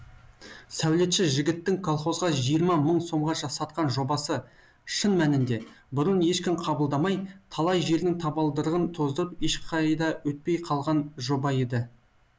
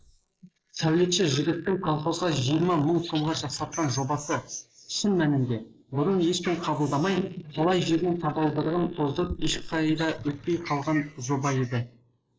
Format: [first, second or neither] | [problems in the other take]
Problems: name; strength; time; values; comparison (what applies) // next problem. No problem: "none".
first | noise reduction (neural mask model Resemble Enhance denoiser)